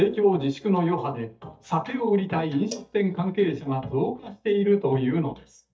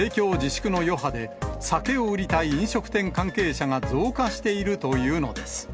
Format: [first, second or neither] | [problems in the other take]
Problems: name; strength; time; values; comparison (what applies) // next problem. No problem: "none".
second | noise reduction (neural mask model DeepFilterNet 3)